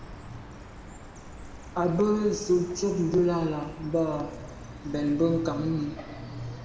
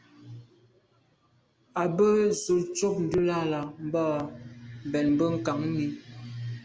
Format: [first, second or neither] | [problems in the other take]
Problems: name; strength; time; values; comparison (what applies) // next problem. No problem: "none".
second | background sound (Chirp, tweet); 14 dB below the speech // room echo; dies away in 1.4 s